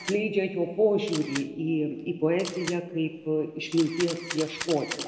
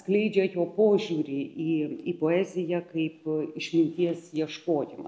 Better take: second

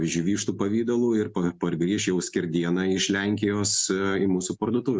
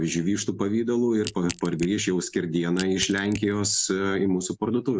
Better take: first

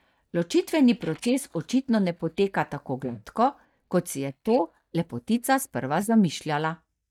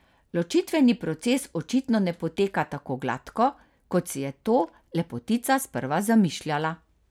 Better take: second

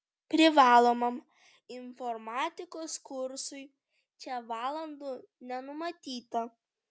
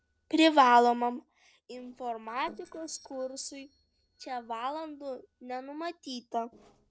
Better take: first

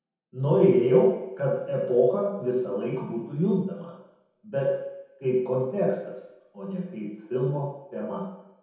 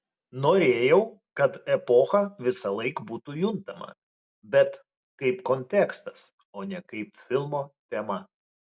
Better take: second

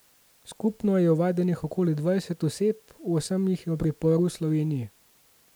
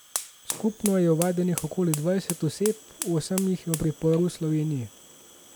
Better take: first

